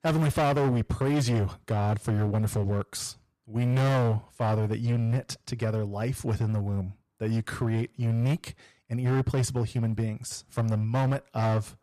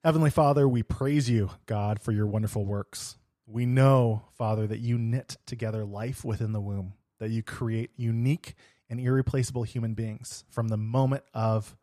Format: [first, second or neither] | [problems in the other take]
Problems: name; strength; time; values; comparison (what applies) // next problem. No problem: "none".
second | distortion; heavy; 15% of the sound clipped